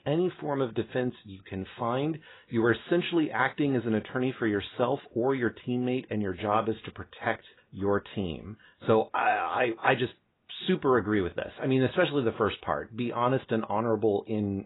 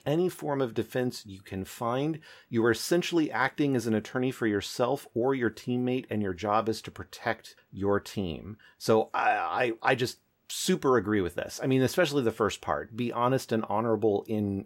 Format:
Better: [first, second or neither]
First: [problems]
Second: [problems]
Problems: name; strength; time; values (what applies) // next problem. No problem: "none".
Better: second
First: garbled, watery; badly; nothing above 4 kHz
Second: none